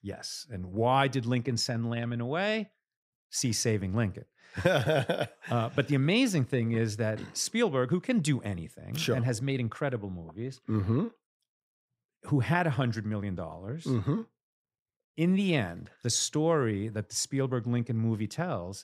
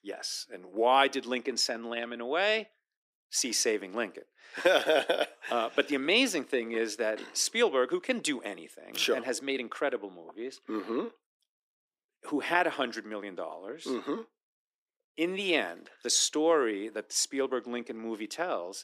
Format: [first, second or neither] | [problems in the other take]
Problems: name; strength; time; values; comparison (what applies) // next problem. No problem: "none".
first | thin; somewhat; fading below 300 Hz